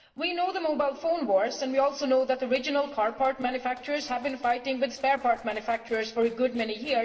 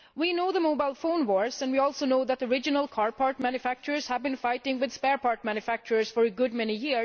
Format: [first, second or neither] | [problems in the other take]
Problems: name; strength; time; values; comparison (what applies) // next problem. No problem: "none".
second | noise reduction (neural separator model SepFormer DNS4)